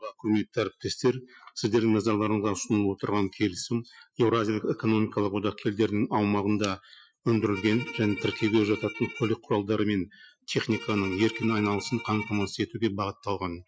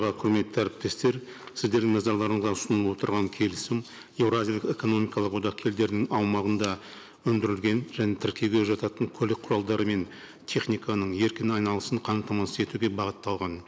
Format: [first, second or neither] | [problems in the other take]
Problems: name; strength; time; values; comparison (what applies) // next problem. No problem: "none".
second | noise reduction (classical method Wiener filter)